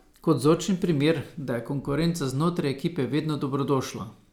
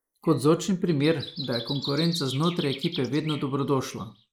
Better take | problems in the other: first | noise reduction (neural mask model Resemble Enhance denoiser)

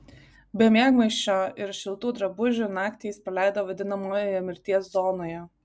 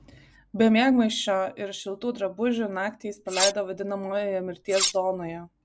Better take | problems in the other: first | background sound (Cutlery, silverware); 3 dB below the speech

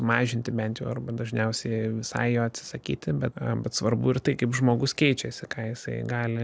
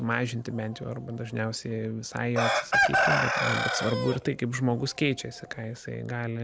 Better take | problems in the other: first | background sound (Chicken, rooster); as loud as the speech

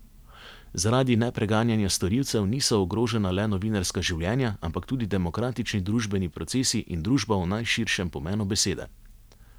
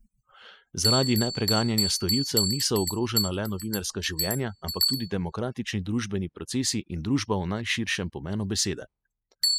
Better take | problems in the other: first | noise reduction (classical method spectral subtraction)

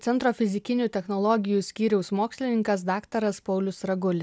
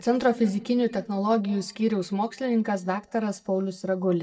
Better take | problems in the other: first | noise reduction (neural mask model DeepFilterNet 3)

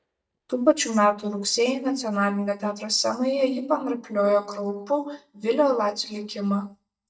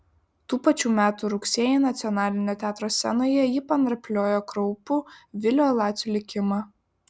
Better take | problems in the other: second | noise reduction (neural mask model DeepFilterNet 3)

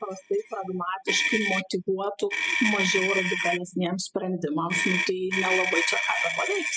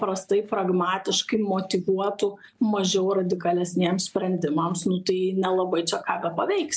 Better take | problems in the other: second | noise reduction (classical method spectral subtraction)

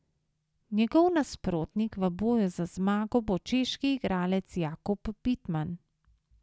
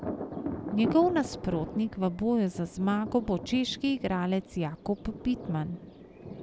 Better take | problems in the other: first | background sound (Thunder); 10 dB below the speech

